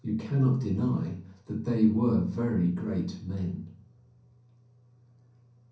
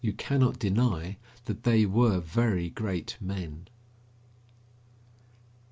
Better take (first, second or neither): second